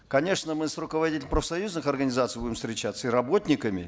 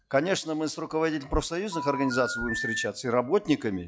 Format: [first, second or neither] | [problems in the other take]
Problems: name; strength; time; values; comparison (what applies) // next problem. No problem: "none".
first | noise reduction (classical method log-MMSE)